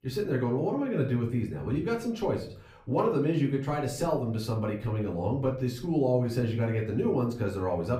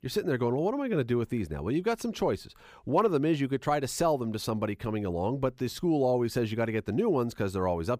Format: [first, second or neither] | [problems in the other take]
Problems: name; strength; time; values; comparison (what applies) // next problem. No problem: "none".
second | off-mic speech; far // room echo; slight; dies away in 0.5 s